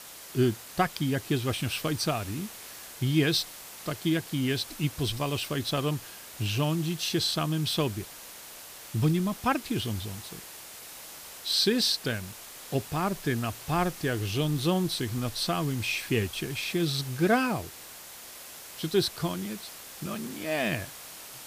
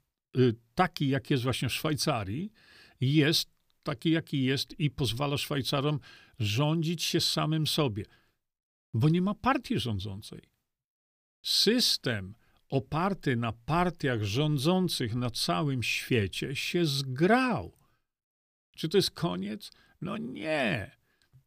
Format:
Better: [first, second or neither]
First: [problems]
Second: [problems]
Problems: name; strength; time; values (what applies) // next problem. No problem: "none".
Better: second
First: hiss; noticeable; throughout; 15 dB below the speech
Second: none